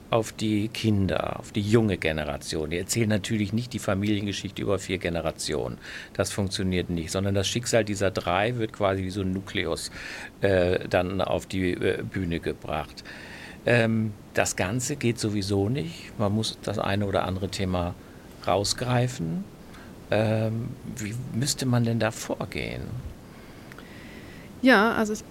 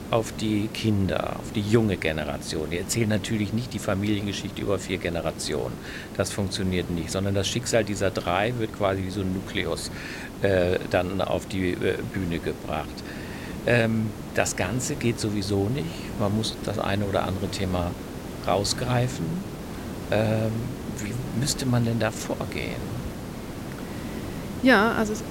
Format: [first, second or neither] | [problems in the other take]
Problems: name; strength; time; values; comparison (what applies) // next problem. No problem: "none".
first | hiss; loud; throughout; 10 dB below the speech; faint in the first